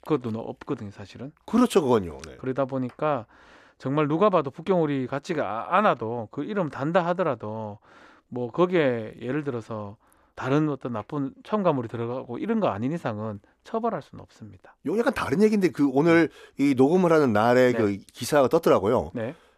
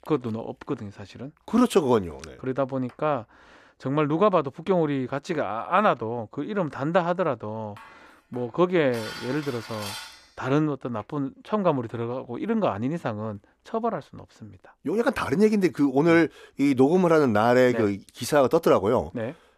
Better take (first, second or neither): first